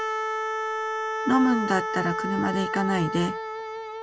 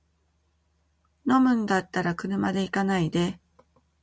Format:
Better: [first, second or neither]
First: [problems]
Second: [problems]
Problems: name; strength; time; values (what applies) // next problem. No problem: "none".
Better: second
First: background sound (Wind instrument, woodwind instrument); 2 dB below the speech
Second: none